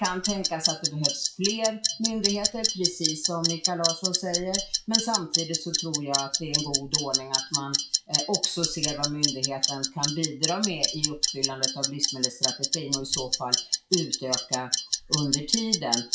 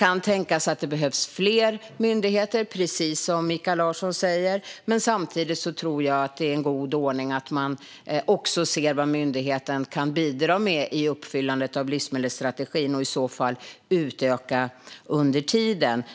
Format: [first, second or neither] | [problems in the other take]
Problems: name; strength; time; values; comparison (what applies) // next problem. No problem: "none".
second | noise reduction (classical method WPE with log-MMSE)